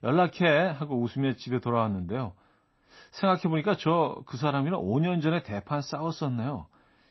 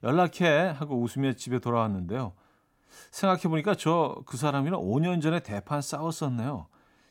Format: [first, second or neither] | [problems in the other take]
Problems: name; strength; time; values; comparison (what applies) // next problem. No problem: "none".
second | garbled, watery; slightly; nothing above 5.5 kHz